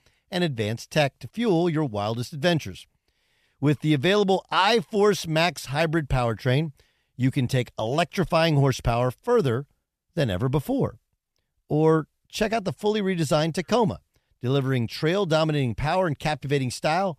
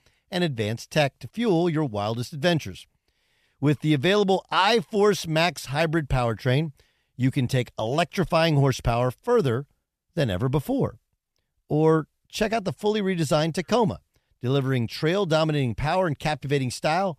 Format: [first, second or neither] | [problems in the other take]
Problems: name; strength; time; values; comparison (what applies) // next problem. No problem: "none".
neither | none